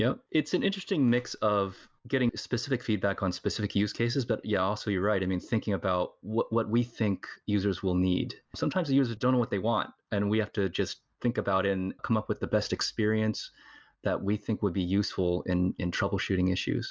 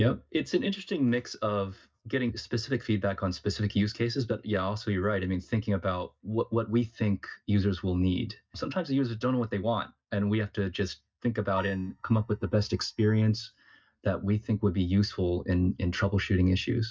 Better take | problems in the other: first | noise reduction (neural mask model DeepFilterNet 3)

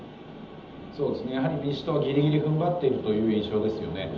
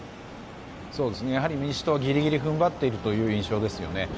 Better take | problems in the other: second | room echo; dies away in 1.2 s

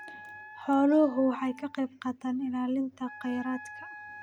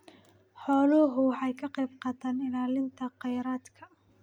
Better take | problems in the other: second | background sound (Wind instrument, woodwind instrument); 18 dB below the speech

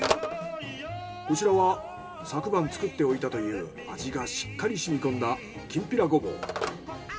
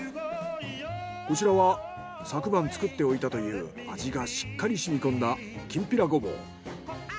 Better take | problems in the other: second | background sound (Telephone); 10 dB below the speech // room echo; dies away in 2.3 s

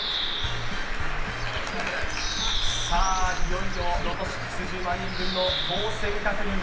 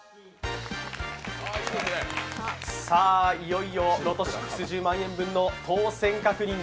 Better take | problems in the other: second | background sound (Bird); 4 dB above the speech // room echo; dies away in 0.6 s

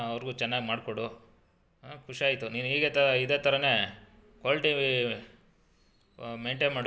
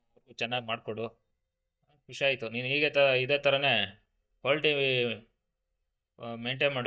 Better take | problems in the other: first | noise reduction (neural mask model DeepFilterNet 3)

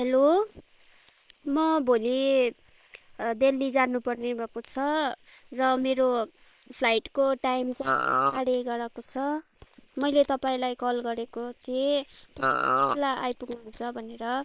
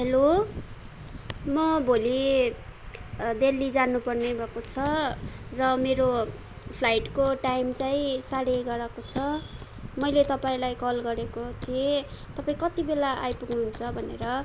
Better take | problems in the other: second | noise reduction (neural separator model SepFormer WHAM!)

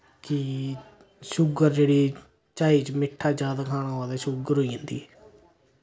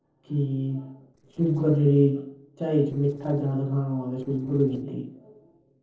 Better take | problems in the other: first | noise reduction (neural separator model SepFormer DNS4)

